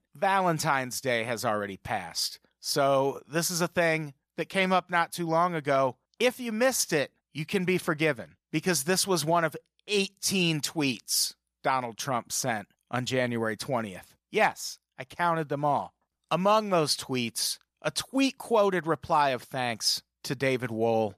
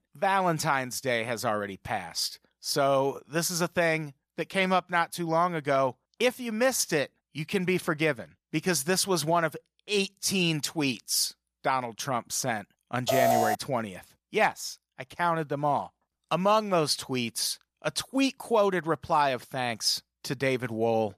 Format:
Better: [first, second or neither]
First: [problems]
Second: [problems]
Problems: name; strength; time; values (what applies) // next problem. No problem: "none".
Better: first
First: none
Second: alarm; loud; at 13 s; peak 4 dB above the speech